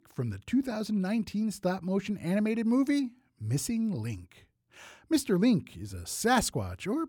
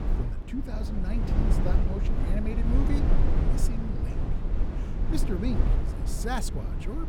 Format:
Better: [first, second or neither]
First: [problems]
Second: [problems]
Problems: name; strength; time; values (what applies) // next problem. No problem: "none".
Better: first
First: none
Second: low rumble; loud; throughout; 1 dB below the speech